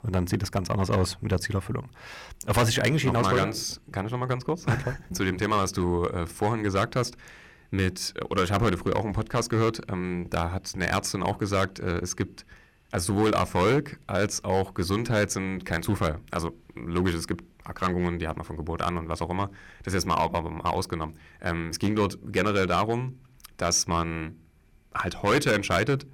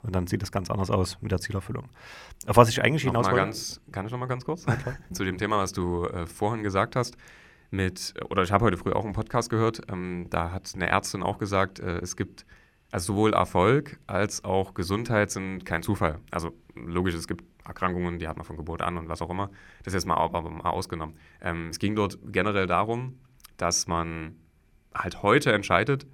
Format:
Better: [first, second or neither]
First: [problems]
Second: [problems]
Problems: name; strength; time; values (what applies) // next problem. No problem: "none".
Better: second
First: distortion; heavy; 4% of the sound clipped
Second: none